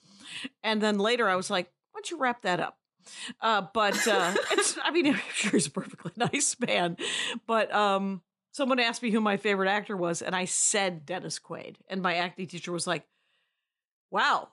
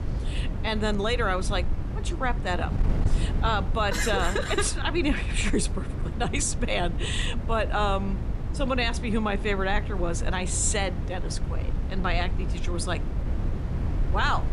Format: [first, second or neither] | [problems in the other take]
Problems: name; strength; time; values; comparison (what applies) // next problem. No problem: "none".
first | wind noise on the microphone; occasional gusts; 15 dB below the speech